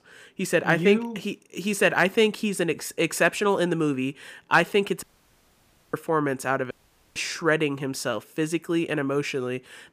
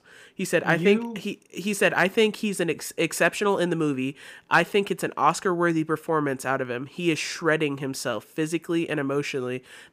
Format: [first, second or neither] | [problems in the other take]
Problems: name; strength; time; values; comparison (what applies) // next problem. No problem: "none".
second | audio cutting out; at 5 s for 1 s and at 6.5 s